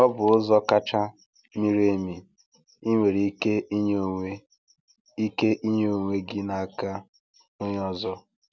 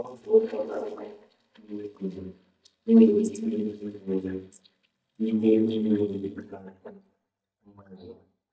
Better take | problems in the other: first | noise reduction (neural mask model DeepFilterNet 3)

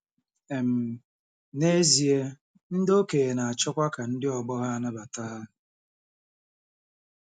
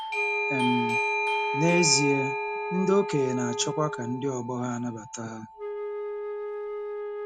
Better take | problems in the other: first | background sound (Doorbell + Wind instrument, woodwind instrument); 1 dB below the speech

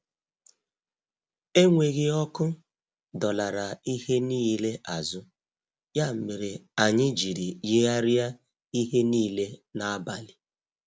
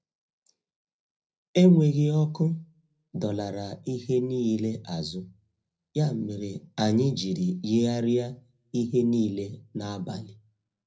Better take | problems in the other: first | room echo; dies away in 0.4 s

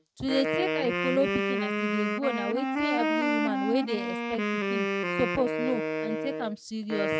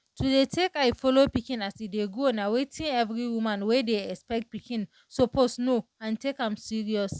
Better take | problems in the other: second | noise reduction (neural mask model RNNoise)

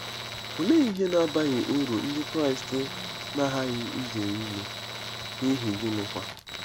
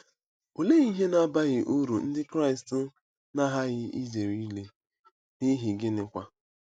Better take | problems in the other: second | background sound (Tools); 8 dB below the speech

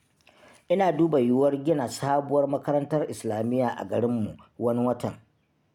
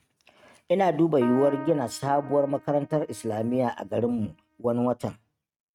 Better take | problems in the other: first | noise reduction (neural mask model RNNoise)

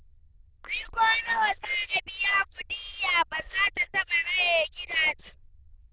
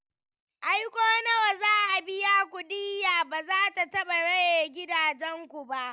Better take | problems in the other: second | noise reduction (neural diffusion model UNIVERSE++)

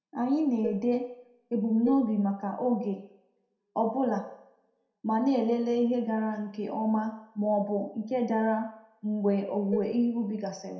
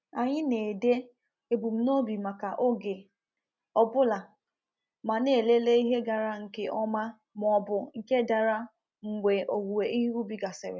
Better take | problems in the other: second | background sound (Dishes, pots, and pans); 12 dB below the speech // room echo; dies away in 0.5 s

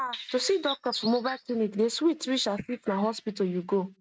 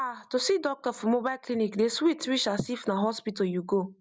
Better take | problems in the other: second | noise reduction (neural mask model RNNoise)

